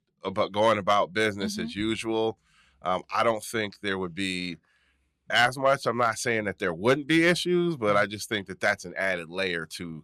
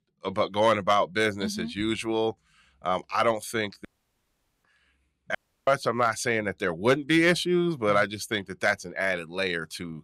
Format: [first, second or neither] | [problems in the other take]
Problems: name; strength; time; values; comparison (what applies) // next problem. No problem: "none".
first | audio cutting out; at 4 s for 1 s and at 5.5 s